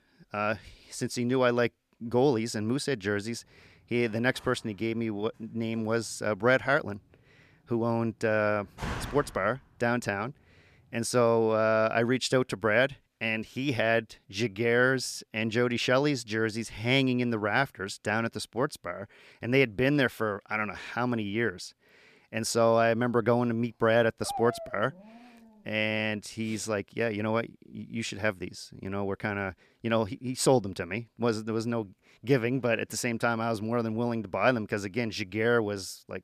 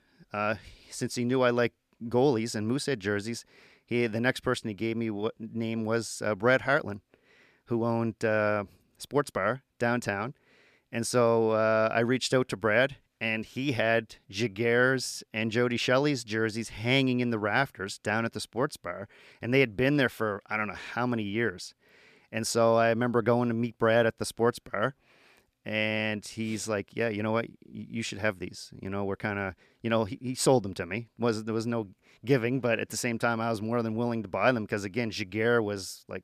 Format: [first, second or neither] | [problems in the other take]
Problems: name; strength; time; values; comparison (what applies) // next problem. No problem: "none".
second | door banging; noticeable; from 4.5 to 9.5 s; peak 7 dB below the speech // dog barking; noticeable; at 24 s; peak 9 dB below the speech